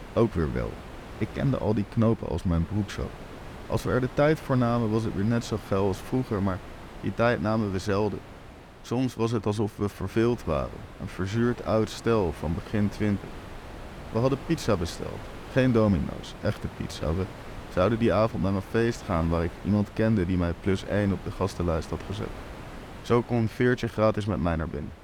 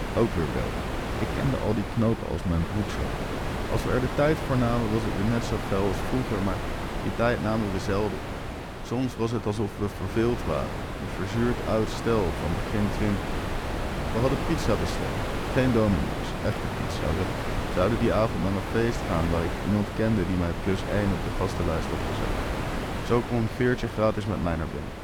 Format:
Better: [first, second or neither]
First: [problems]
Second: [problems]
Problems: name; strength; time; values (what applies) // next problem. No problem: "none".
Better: first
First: wind noise on the microphone; occasional gusts; 15 dB below the speech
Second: wind noise on the microphone; heavy; 3 dB below the speech